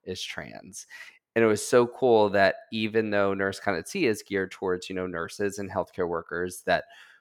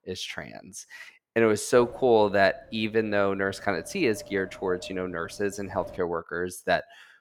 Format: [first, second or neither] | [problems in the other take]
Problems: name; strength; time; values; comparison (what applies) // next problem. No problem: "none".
first | wind noise on the microphone; occasional gusts; from 2 to 6 s; 20 dB below the speech